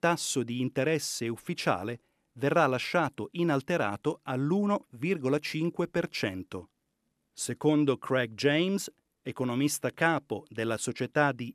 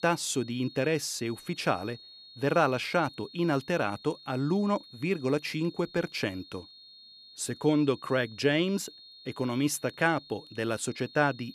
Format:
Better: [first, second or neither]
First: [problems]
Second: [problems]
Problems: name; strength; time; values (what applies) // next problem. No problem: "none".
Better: first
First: none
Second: high-pitched whine; noticeable; throughout; 4.5 kHz, 20 dB below the speech